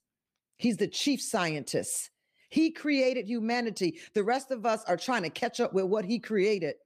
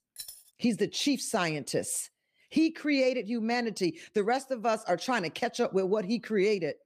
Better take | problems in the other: first | jangling keys; faint; at the start; peak 15 dB below the speech

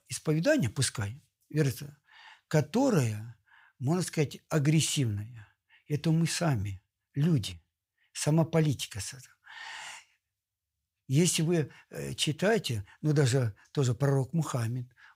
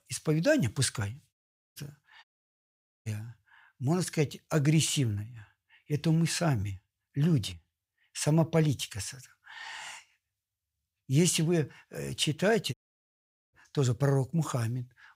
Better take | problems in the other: first | audio cutting out; at 1.5 s, at 2 s for 1 s and at 13 s for 1 s

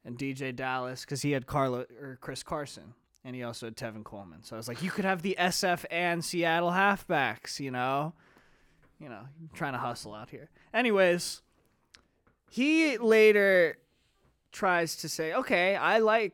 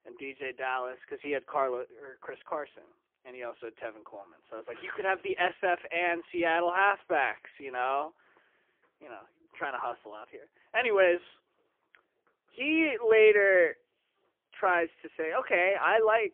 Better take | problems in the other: first | phone-call audio; poor line

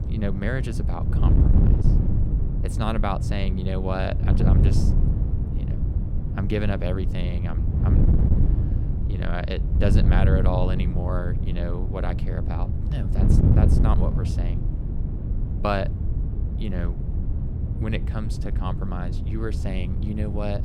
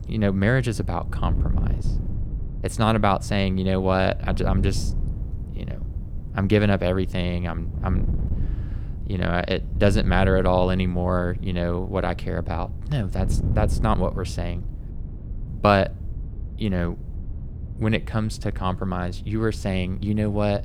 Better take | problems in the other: second | wind noise on the microphone; heavy; 4 dB below the speech; occasional gusts in the second

